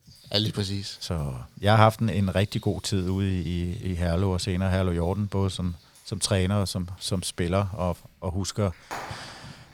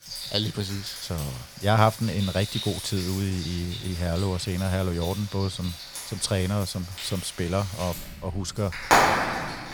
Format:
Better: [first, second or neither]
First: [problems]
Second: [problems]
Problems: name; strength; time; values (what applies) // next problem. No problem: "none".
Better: first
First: household noises; faint; throughout; 20 dB below the speech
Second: household noises; loud; throughout; 3 dB below the speech